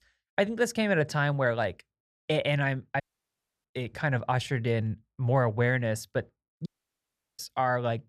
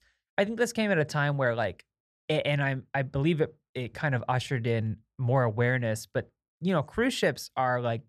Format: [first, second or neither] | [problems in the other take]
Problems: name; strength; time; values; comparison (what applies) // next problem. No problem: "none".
second | audio cutting out; at 3 s for 0.5 s and at 6.5 s for 0.5 s